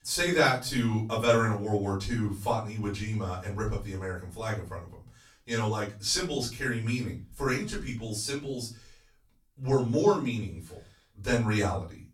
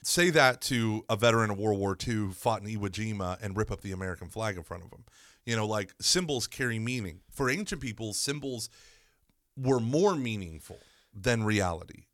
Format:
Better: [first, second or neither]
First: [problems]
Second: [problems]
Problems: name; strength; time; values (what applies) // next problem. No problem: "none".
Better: second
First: room echo; slight; dies away in 0.3 s // off-mic speech; far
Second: none